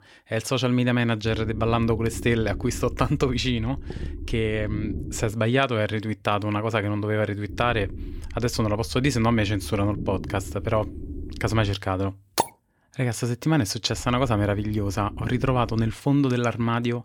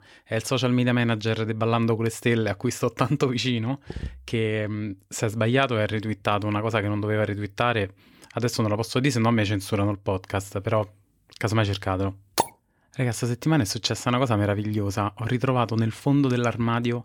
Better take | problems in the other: second | low rumble; noticeable; from 1.5 to 5.5 s, from 7.5 to 12 s and from 14 to 16 s; 20 dB below the speech

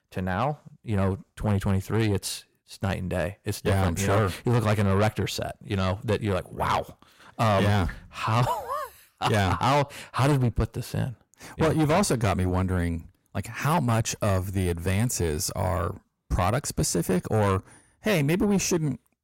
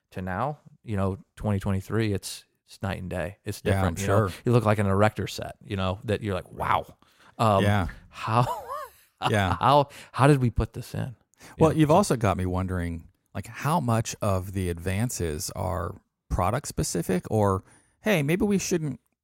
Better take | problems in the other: second | distortion; heavy; 7 dB below the speech

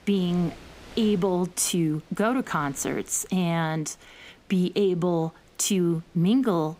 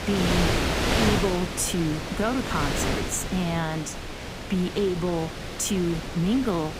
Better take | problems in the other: first | wind noise on the microphone; heavy; as loud as the speech; occasional gusts in the first

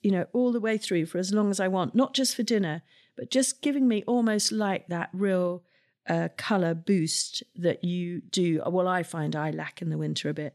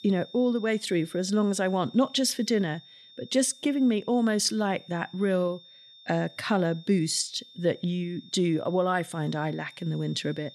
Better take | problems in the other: first | high-pitched whine; faint; throughout; 3.5 kHz, 20 dB below the speech

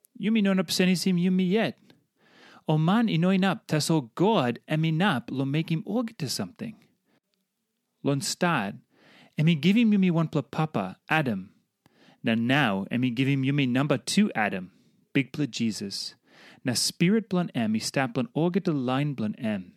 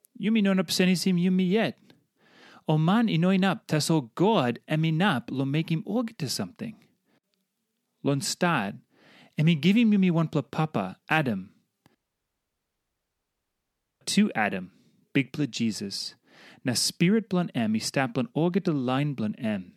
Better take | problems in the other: first | audio cutting out; at 12 s for 2 s

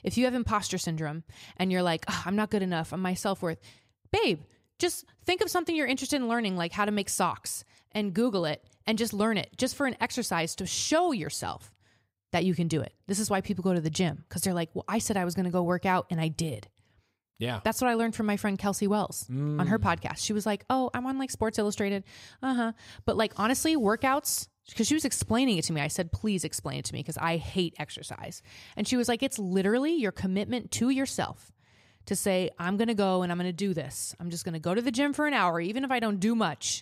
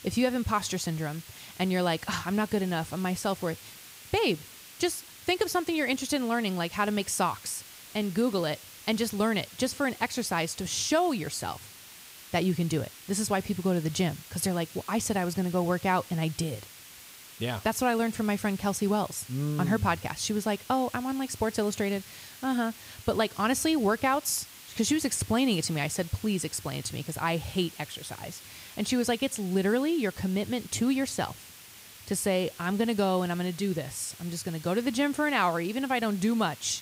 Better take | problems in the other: first | hiss; noticeable; throughout; 15 dB below the speech

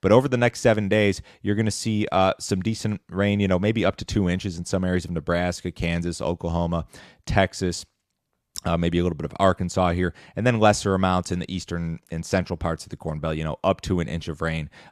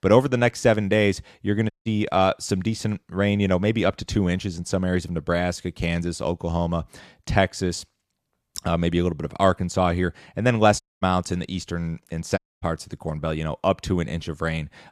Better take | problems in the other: first | audio cutting out; at 1.5 s, at 11 s and at 12 s

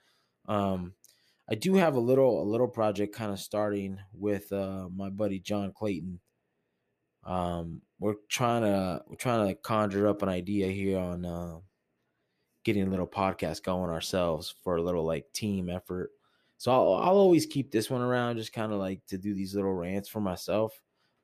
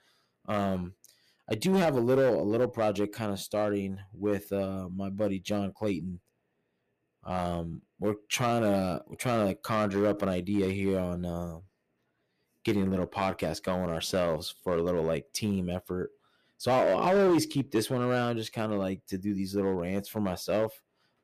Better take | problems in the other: first | distortion; slight; 4% of the sound clipped

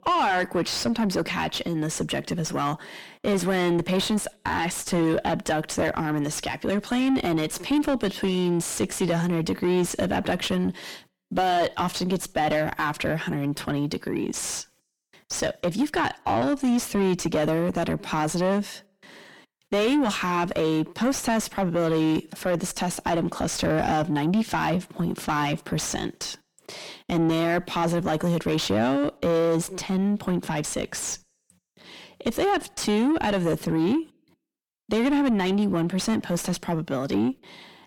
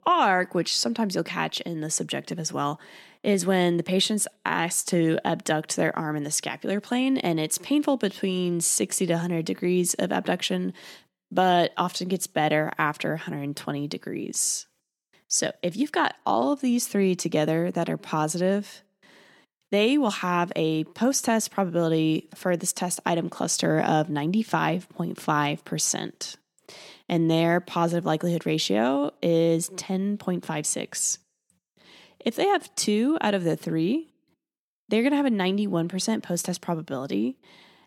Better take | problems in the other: second | distortion; heavy; 6 dB below the speech

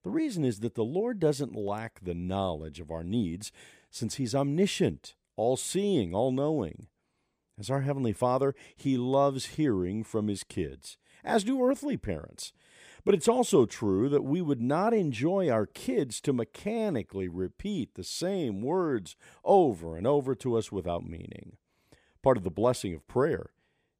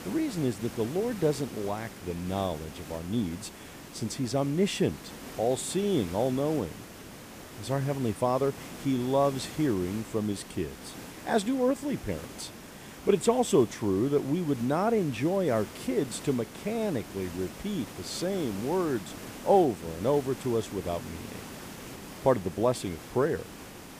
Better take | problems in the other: first | hiss; noticeable; throughout; 15 dB below the speech

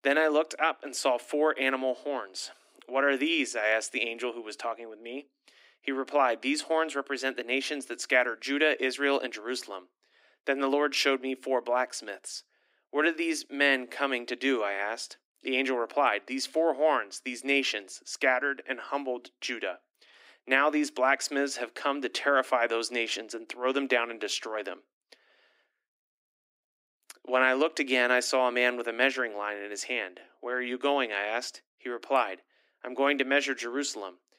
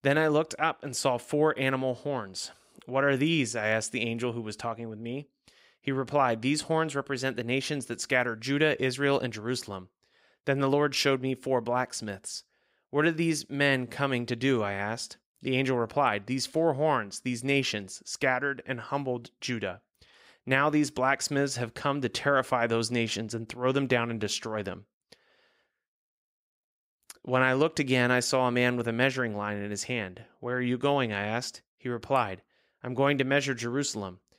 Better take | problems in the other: second | thin; very slightly; fading below 250 Hz

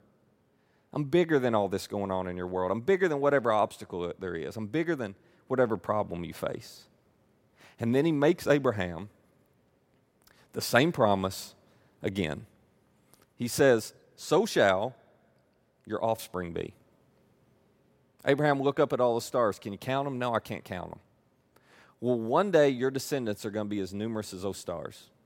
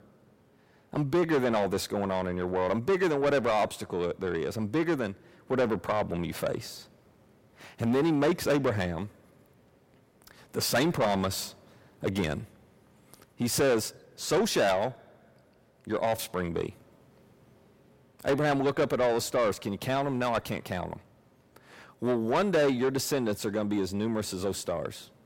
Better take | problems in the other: first | distortion; heavy; 7 dB below the speech

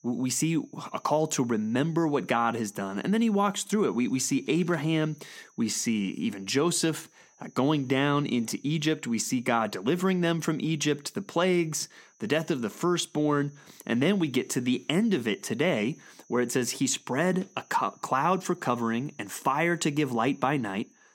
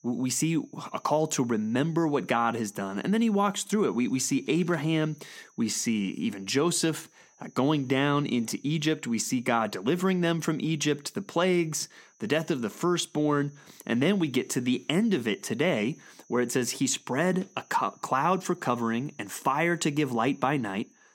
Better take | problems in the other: neither | high-pitched whine; faint; throughout; 6 kHz, 30 dB below the speech; the same in both

